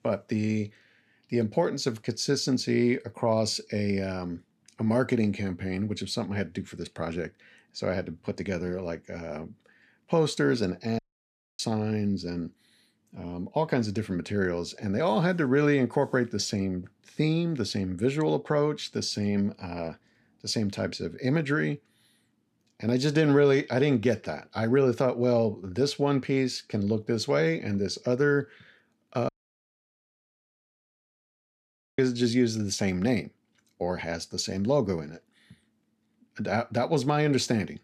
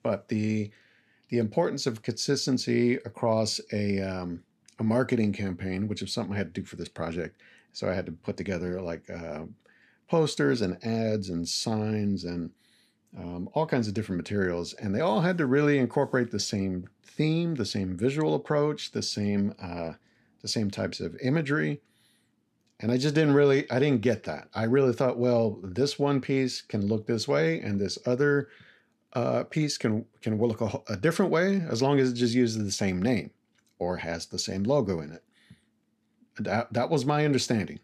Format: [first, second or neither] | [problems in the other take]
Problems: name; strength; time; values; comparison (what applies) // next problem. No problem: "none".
second | audio cutting out; at 11 s for 0.5 s and at 29 s for 2.5 s